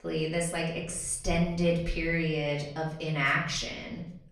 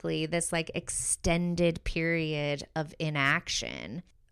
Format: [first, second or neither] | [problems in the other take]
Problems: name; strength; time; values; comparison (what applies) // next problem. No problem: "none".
second | off-mic speech; far // room echo; slight; dies away in 0.6 s